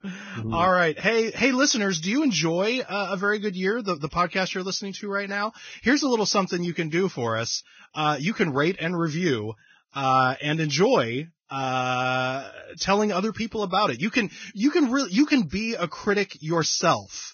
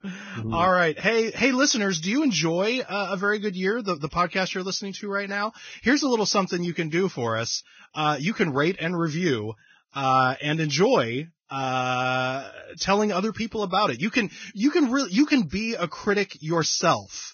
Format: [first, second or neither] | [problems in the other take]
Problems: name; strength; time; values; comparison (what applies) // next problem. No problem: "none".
neither | garbled, watery; badly; nothing above 6.5 kHz; the same in both